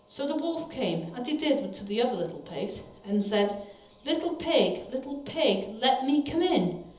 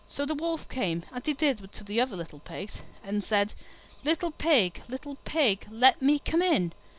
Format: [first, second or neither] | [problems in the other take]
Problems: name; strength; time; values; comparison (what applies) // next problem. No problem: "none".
second | room echo; dies away in 0.7 s